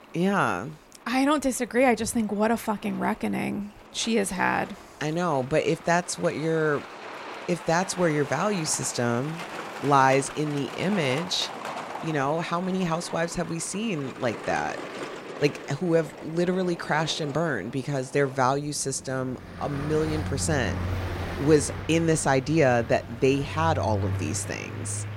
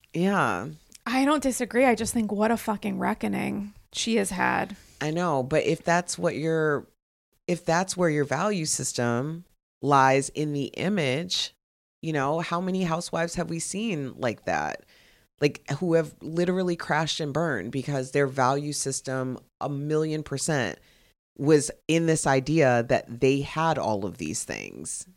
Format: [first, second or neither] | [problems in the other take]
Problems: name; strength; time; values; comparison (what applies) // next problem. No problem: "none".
second | traffic noise; noticeable; throughout; 10 dB below the speech